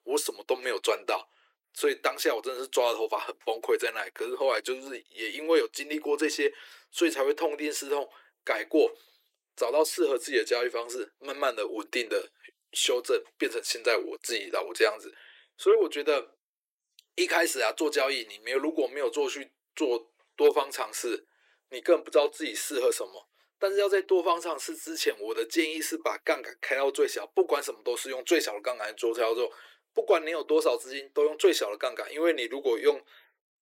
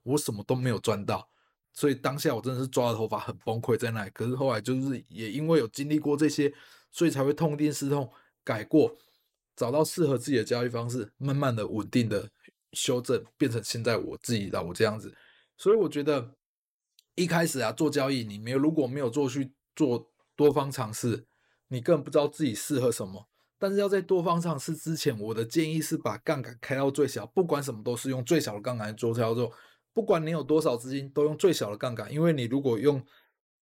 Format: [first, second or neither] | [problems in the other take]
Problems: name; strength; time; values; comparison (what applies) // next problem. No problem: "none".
second | thin; very; fading below 350 Hz